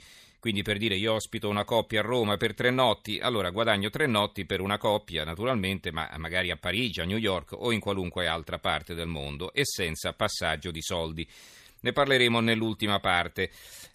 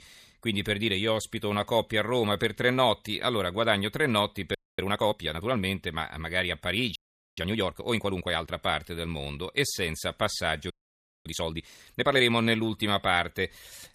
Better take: first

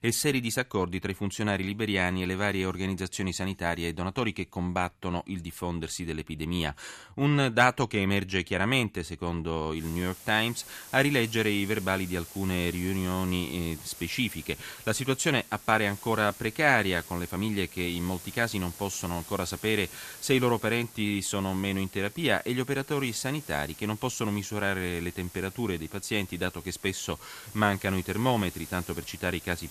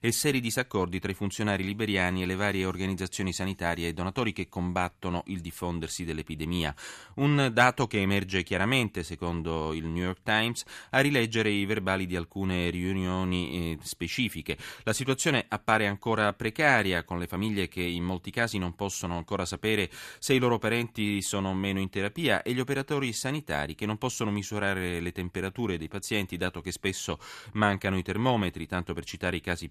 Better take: second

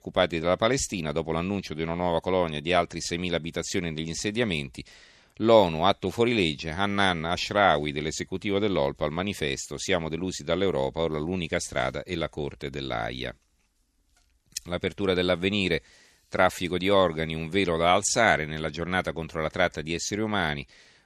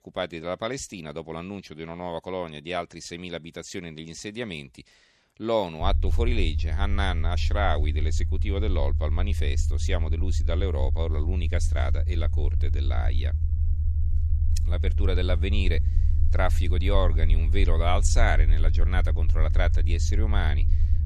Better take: first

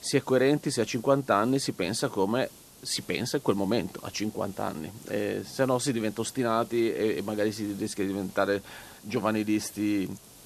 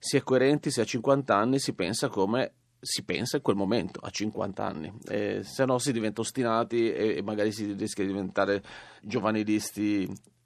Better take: second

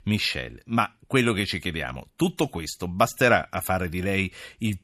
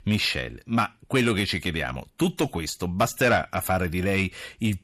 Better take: first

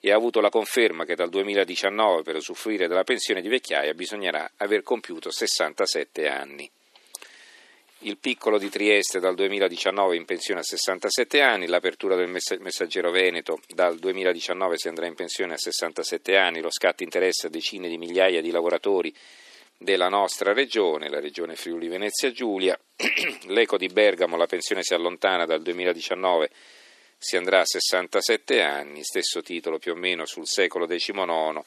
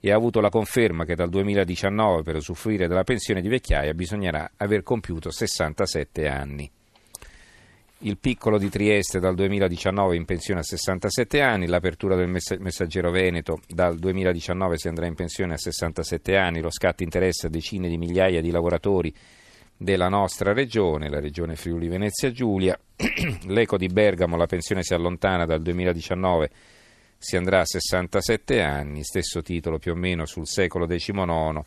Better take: second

